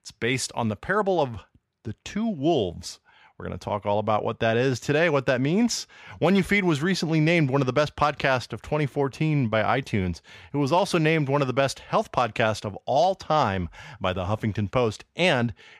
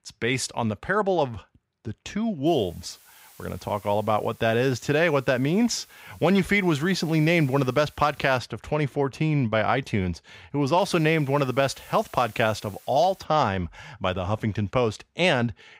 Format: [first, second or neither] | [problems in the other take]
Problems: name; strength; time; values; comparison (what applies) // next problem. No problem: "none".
first | hiss; faint; from 2.5 to 8.5 s and from 11 to 13 s; 25 dB below the speech